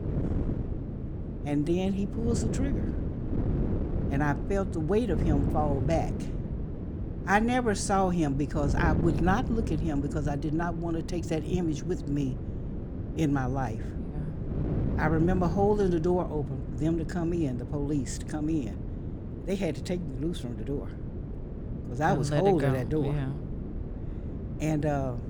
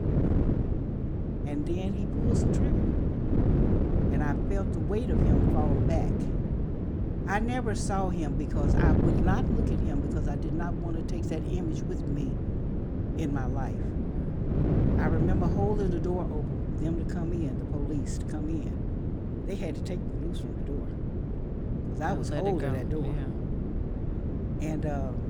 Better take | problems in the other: first | wind noise on the microphone; heavy; 1 dB below the speech; occasional gusts in the first

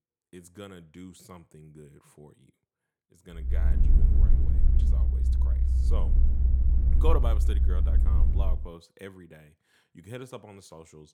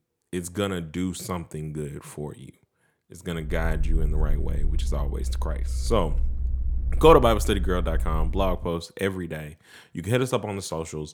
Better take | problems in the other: second | low rumble; loud; from 3.5 to 8.5 s; 3 dB below the speech; faint in the second

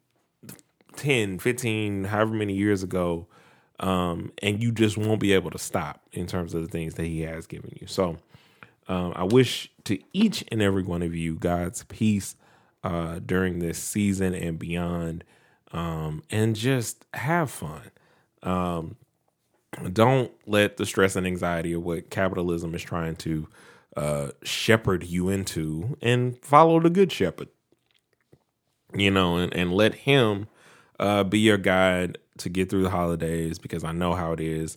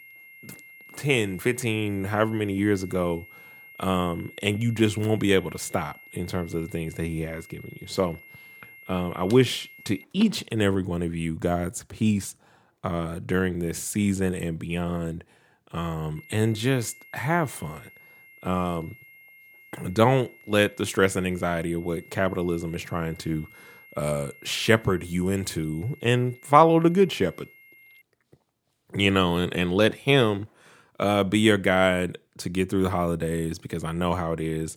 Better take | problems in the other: first | high-pitched whine; faint; until 10 s and from 16 to 28 s; 2 kHz, 20 dB below the speech

